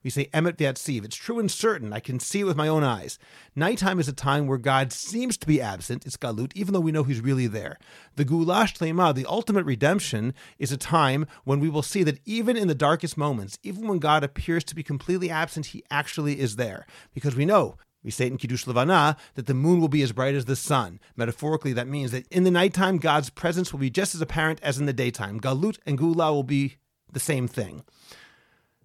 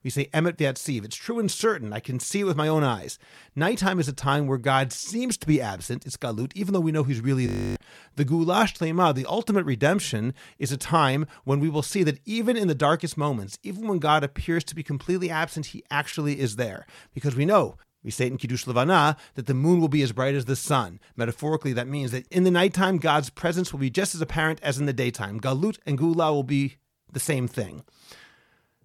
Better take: first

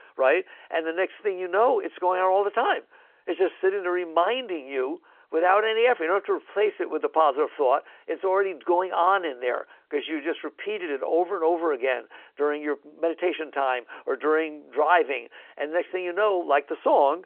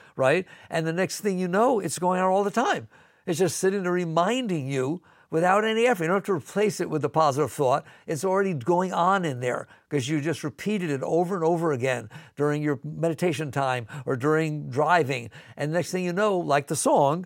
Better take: second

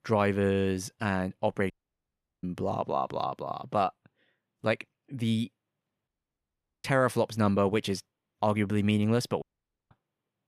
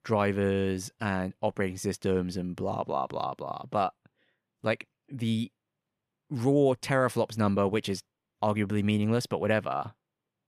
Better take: second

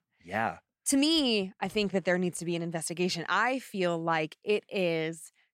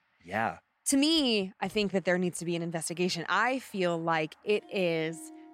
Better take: first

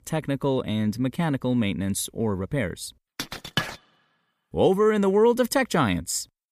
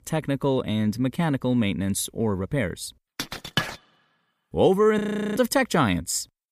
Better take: first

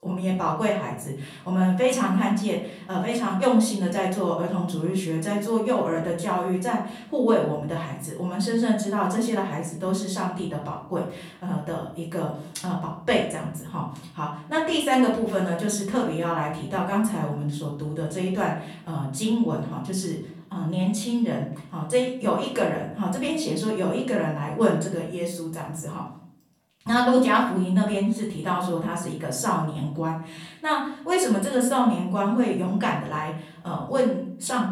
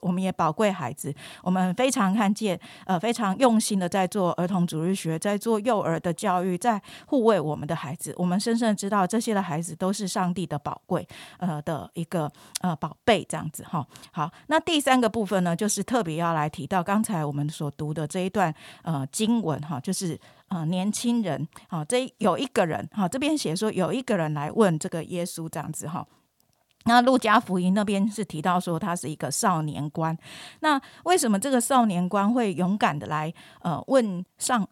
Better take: second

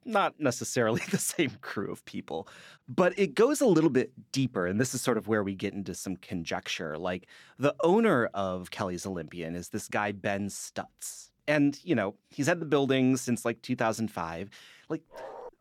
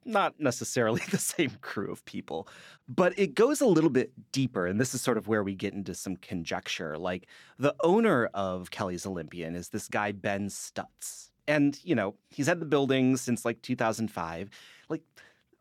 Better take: second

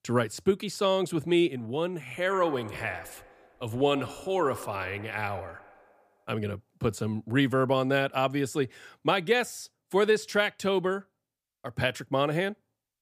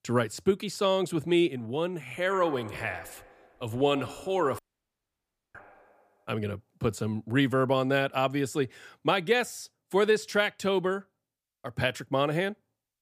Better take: first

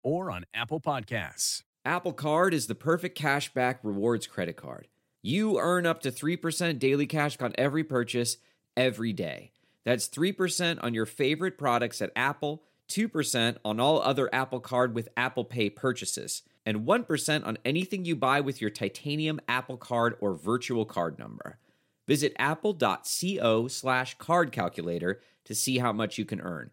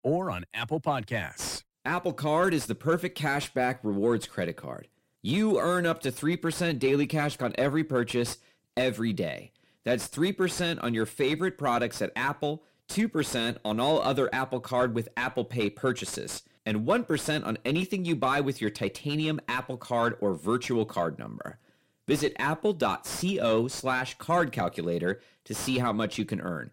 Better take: first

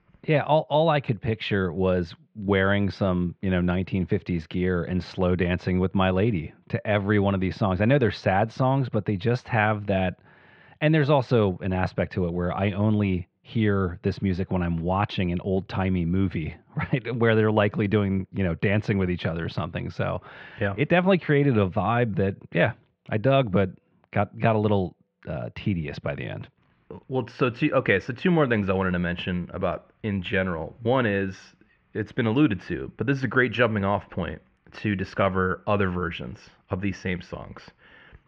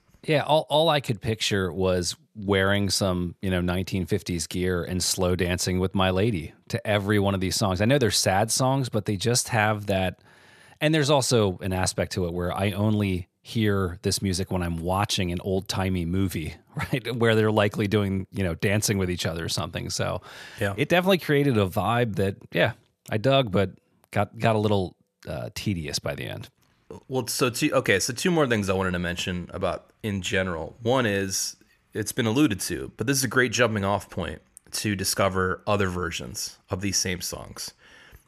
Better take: second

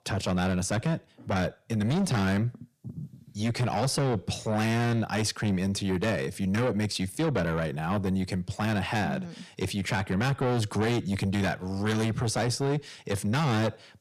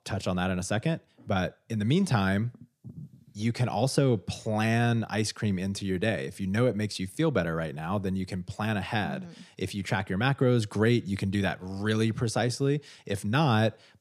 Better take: second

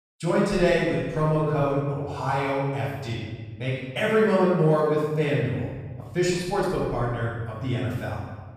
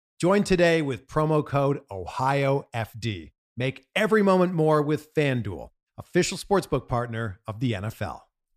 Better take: second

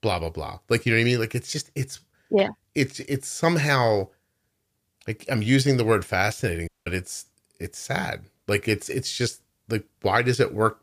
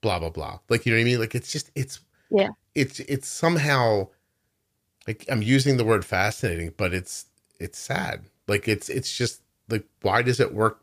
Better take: second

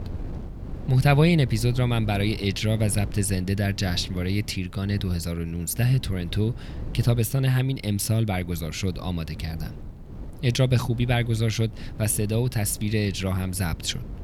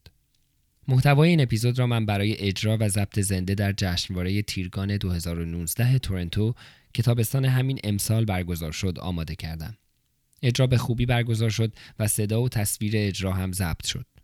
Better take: second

